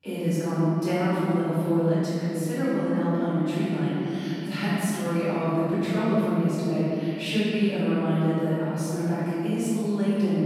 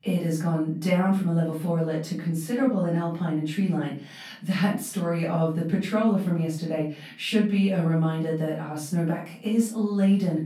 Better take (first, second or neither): second